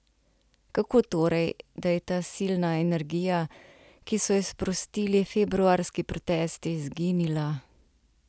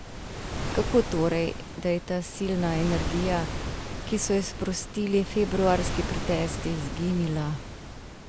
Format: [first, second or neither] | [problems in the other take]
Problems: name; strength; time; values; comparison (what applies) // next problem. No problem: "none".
first | background sound (Waves, surf); 5 dB below the speech